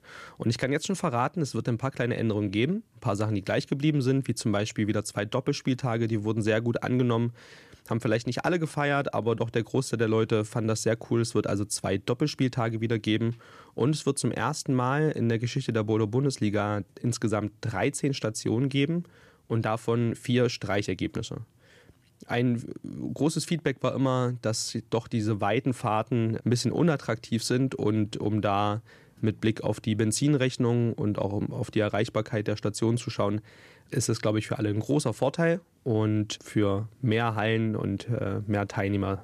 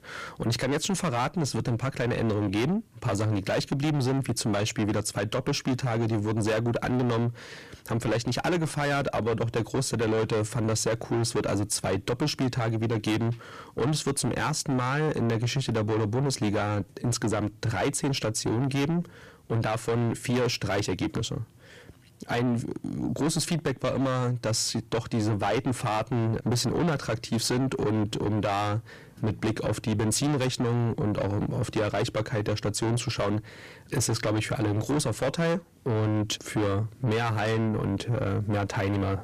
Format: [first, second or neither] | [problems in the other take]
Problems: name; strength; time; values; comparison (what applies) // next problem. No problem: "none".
first | distortion; heavy; 6 dB below the speech